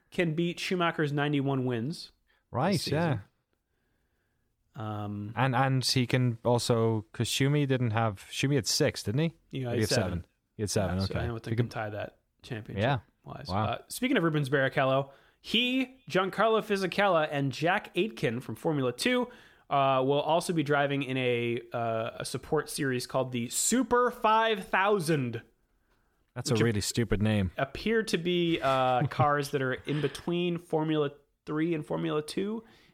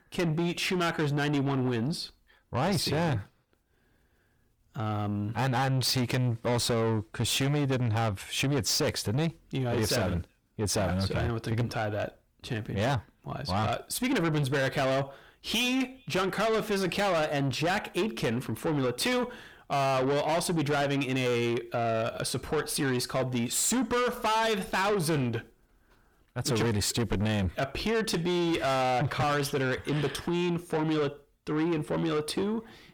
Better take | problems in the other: first | distortion; heavy; 7 dB below the speech

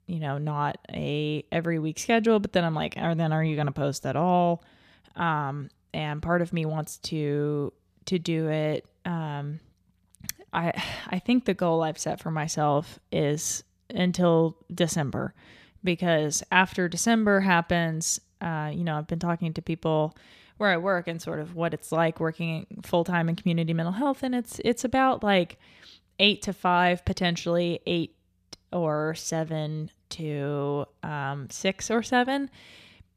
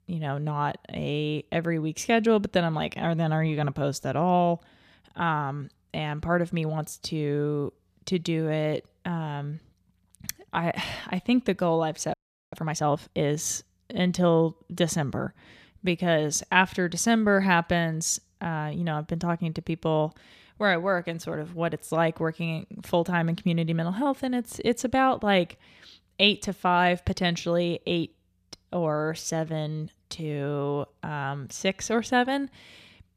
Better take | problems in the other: first | audio freezing; at 12 s

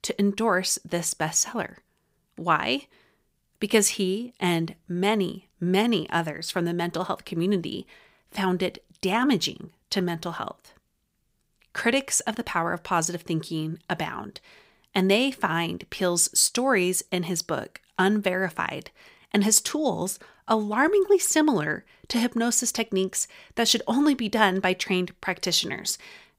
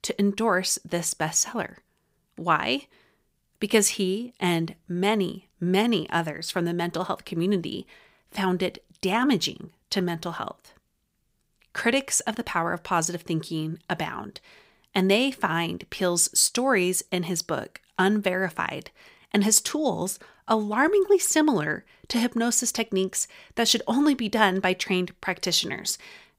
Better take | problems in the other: neither | none

